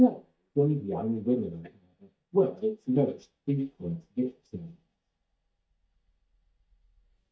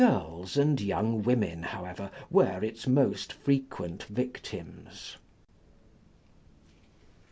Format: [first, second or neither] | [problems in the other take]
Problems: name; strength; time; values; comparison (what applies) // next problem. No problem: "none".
second | noise reduction (neural mask model DeepFilterNet 3)